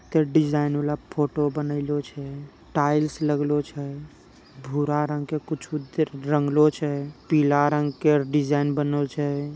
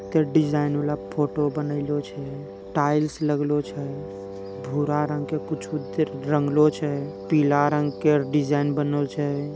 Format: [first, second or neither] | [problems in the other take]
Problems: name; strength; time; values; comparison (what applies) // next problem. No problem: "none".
first | background sound (Wind instrument, woodwind instrument); 13 dB below the speech